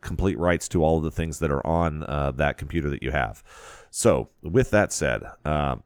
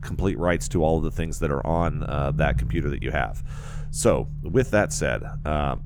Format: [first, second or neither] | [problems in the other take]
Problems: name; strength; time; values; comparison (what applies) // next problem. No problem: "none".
first | low rumble; noticeable; throughout; 20 dB below the speech